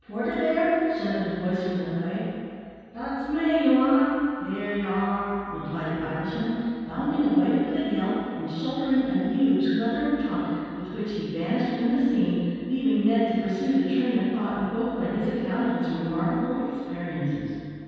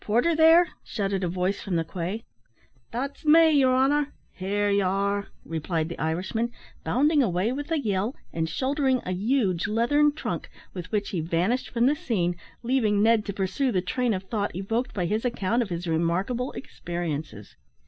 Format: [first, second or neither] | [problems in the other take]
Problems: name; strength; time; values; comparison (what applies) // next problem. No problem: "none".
second | room echo; dies away in 2.1 s